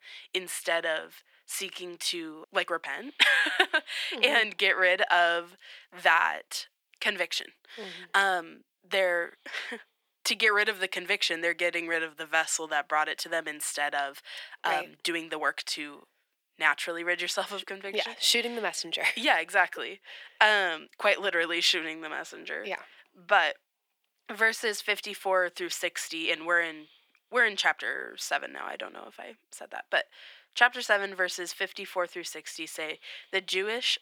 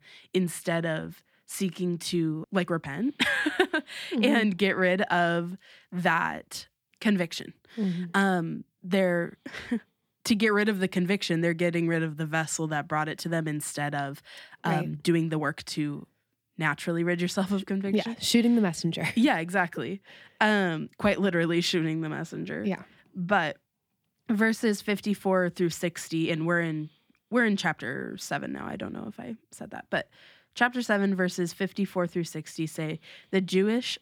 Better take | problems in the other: second | thin; very; fading below 500 Hz

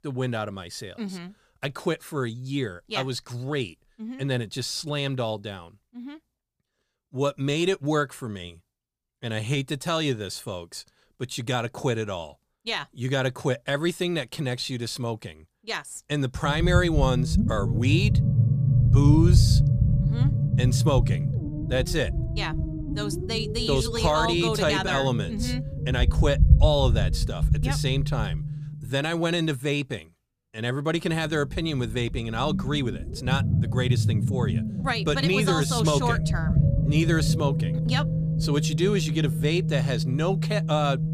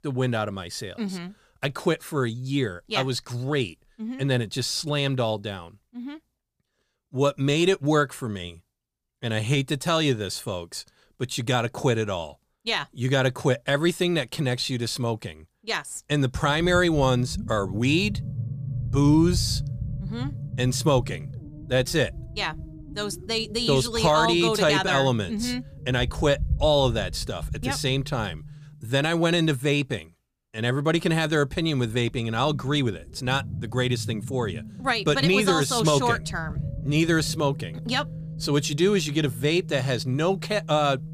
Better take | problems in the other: second | low rumble; loud; from 16 s on; 8 dB below the speech; faint in the second

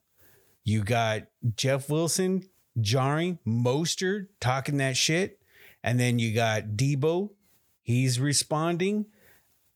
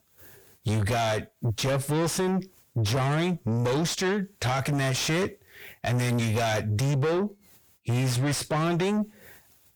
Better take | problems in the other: first | distortion; heavy; 6 dB below the speech

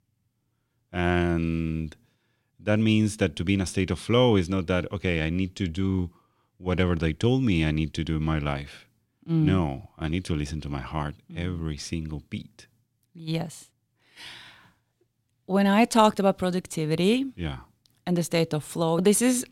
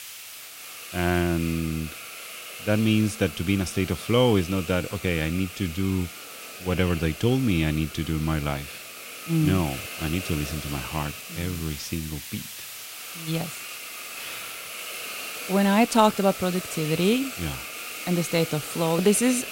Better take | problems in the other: first | hiss; loud; throughout; 10 dB below the speech

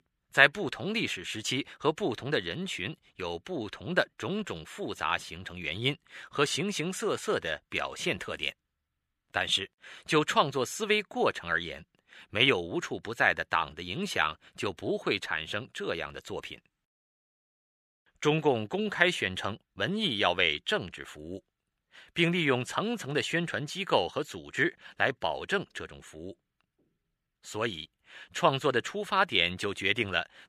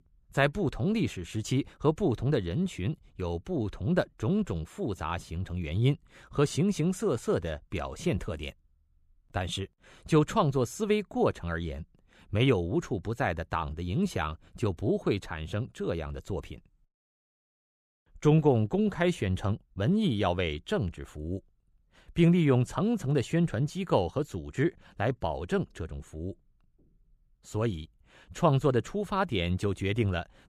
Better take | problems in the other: second | thin; somewhat; fading below 1 kHz

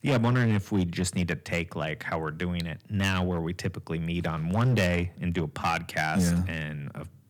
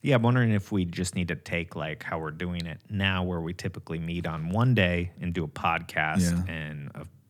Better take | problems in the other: second | distortion; slight; 7% of the sound clipped

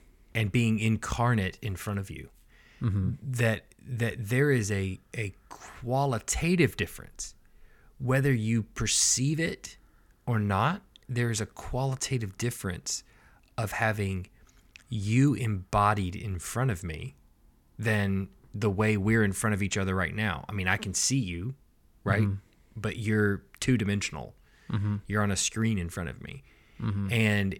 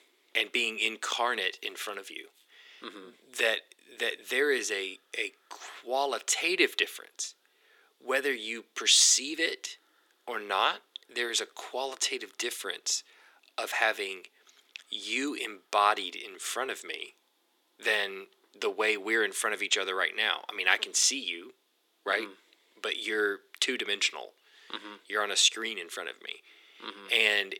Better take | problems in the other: first | thin; very; fading below 350 Hz

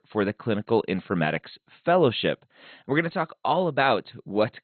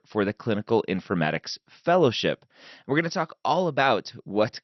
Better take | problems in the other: second | garbled, watery; badly; nothing above 4 kHz; slightly in the second

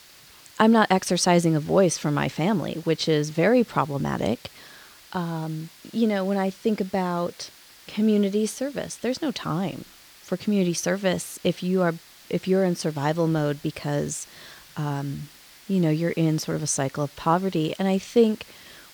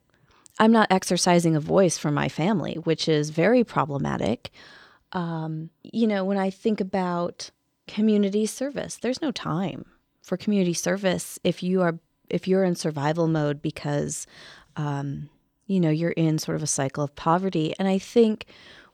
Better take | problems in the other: second | hiss; faint; throughout; 25 dB below the speech

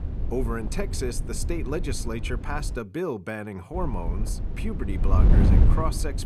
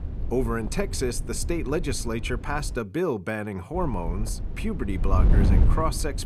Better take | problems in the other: second | wind noise on the microphone; heavy; until 3 s and from 3.5 s on; 6 dB below the speech; occasional gusts in the second

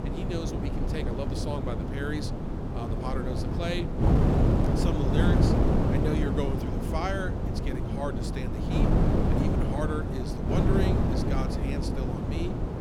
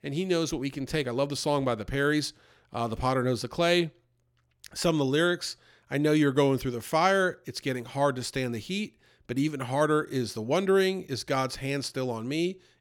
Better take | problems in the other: second | wind noise on the microphone; heavy; 3 dB above the speech

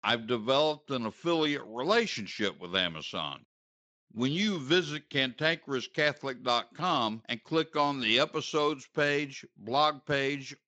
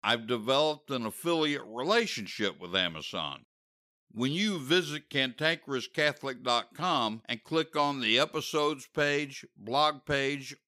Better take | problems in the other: second | garbled, watery; slightly

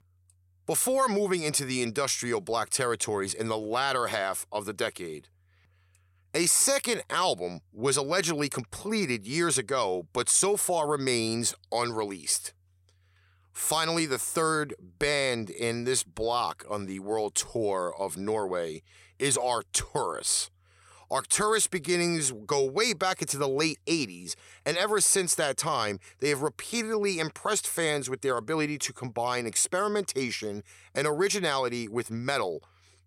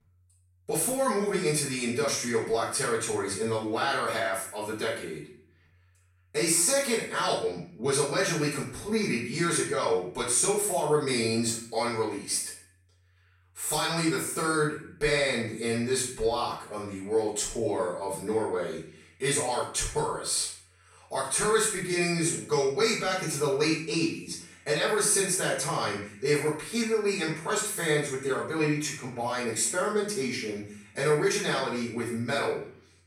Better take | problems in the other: first | off-mic speech; far // room echo; noticeable; dies away in 0.5 s

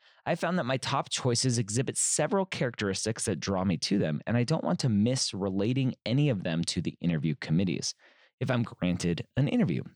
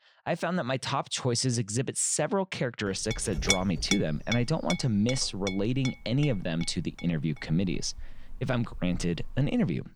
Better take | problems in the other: first | clattering dishes; loud; from 3 s on; peak 2 dB above the speech

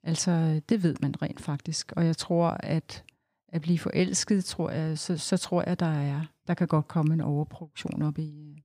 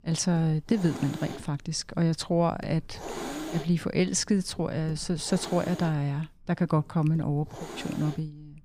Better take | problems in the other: first | hiss; noticeable; throughout; 15 dB below the speech

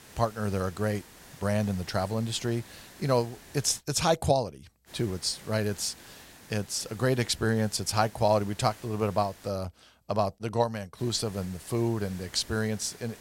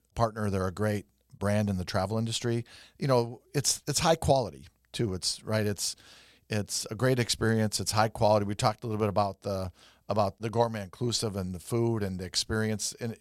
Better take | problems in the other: second | hiss; faint; until 4 s, from 5 to 9.5 s and from 11 s on; 20 dB below the speech

